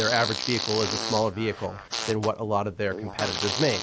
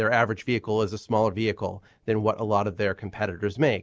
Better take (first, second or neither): second